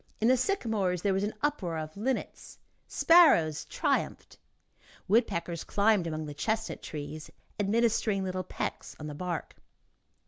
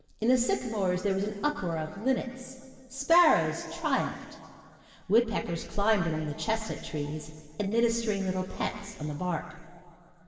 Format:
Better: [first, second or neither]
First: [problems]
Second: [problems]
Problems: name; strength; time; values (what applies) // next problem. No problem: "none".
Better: first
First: none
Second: room echo; dies away in 2.8 s